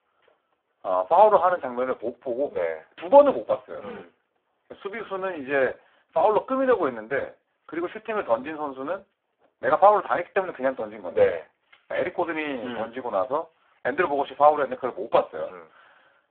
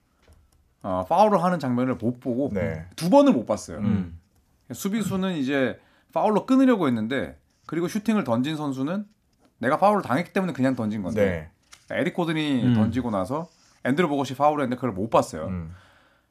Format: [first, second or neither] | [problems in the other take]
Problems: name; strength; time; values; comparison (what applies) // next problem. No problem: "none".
second | phone-call audio; poor line; nothing above 3.5 kHz